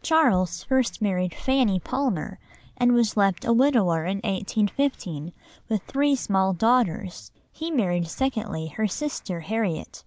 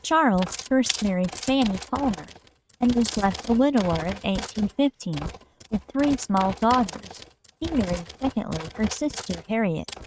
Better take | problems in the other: first | noise reduction (neural mask model RNNoise)

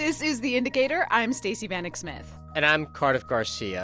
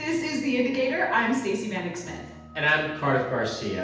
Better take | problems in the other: first | room echo; dies away in 0.8 s

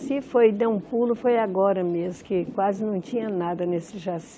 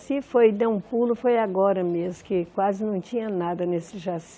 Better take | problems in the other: second | background sound (Thunder / Rain); 18 dB below the speech

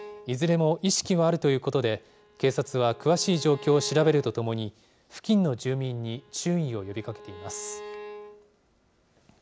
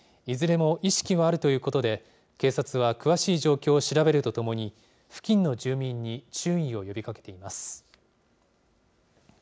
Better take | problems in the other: second | background sound (Bowed string instrument); 19 dB below the speech

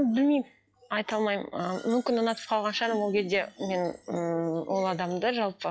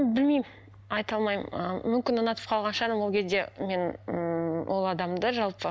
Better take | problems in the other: second | noise reduction (classical method log-MMSE)

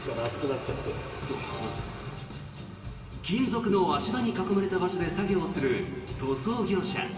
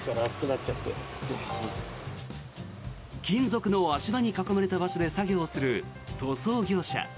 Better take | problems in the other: second | room echo; dies away in 2.4 s

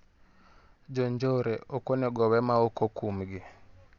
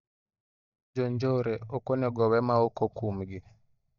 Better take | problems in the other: first | noise reduction (neural mask model DeepFilterNet 3)

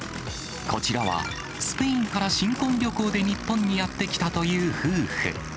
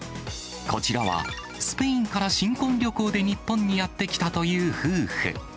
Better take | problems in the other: second | background sound (Aircraft); 10 dB below the speech

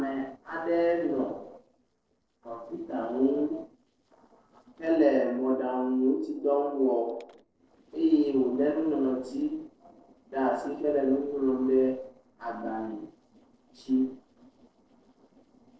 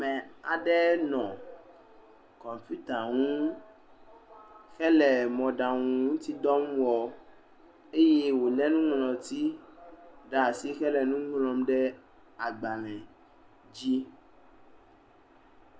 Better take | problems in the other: second | noise reduction (neural separator model SepFormer DNS4)

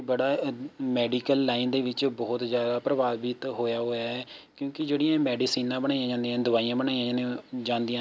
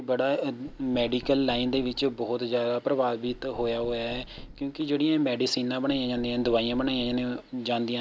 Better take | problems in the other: first | background sound (Knock); 19 dB below the speech

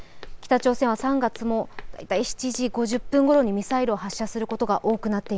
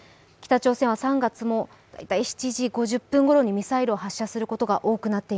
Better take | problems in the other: second | background sound (Walk, footsteps); 13 dB below the speech

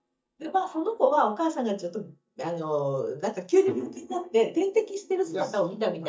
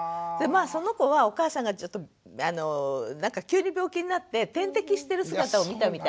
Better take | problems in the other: second | noise reduction (neural mask model DeepFilterNet 3)

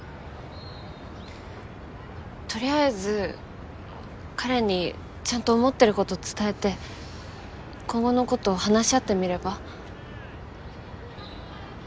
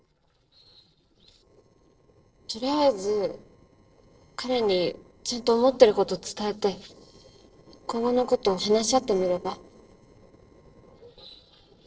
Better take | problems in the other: first | noise reduction (neural separator model SepFormer DNS4)

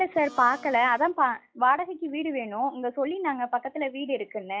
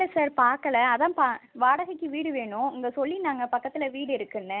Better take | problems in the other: second | noise reduction (classical method log-MMSE)

